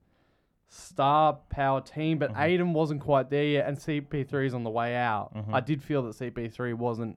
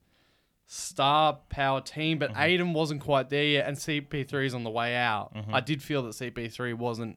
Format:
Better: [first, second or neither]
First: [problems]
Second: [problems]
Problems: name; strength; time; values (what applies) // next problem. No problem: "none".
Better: second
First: muffled; slightly; fading above 2 kHz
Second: none